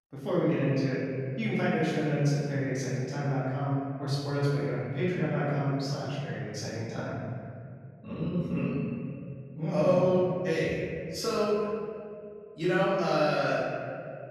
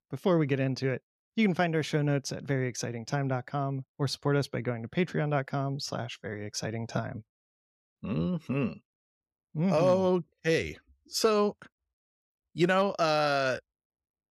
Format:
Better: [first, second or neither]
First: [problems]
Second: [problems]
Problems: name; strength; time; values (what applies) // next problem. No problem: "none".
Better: second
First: room echo; strong; dies away in 2.2 s // off-mic speech; far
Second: none